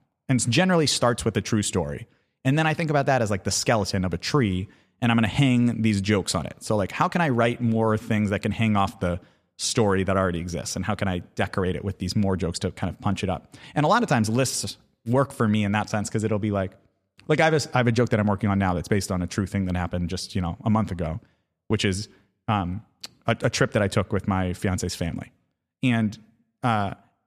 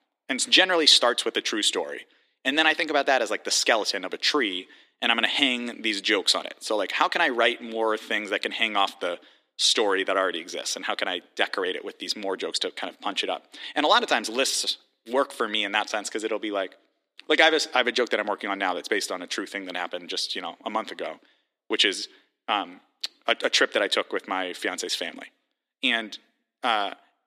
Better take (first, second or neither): first